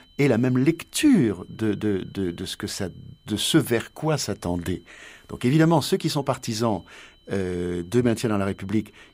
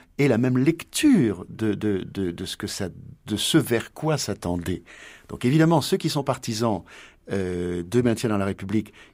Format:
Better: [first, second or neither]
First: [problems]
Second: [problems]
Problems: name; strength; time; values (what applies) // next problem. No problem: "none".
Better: second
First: high-pitched whine; faint; throughout; 3 kHz, 35 dB below the speech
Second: none